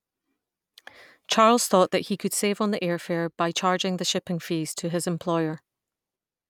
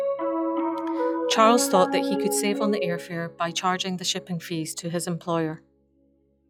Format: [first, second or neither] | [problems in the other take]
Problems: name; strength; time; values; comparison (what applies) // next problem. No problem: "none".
first | noise reduction (classical method log-MMSE)